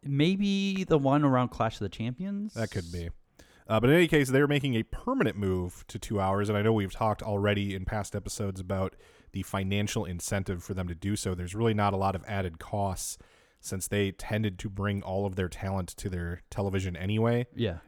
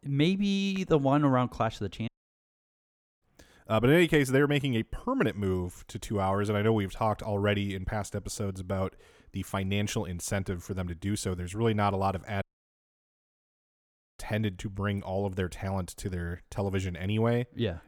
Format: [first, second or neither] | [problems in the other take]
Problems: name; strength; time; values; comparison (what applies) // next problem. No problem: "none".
first | audio cutting out; at 2 s for 1 s and at 12 s for 2 s